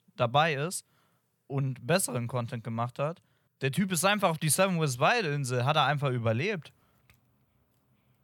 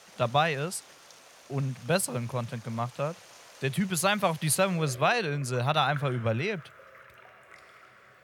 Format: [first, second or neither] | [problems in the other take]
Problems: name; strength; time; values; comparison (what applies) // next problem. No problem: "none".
first | rain or running water; faint; throughout; 20 dB below the speech